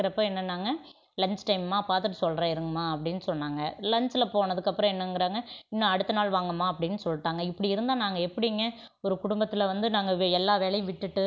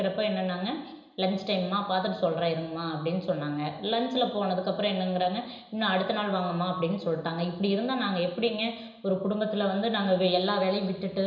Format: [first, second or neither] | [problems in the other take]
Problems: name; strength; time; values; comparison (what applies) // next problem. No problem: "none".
first | room echo; dies away in 0.9 s